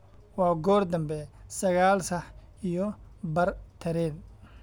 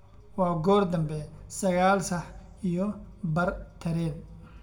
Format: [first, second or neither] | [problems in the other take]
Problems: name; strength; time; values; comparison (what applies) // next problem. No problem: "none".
first | room echo; dies away in 0.5 s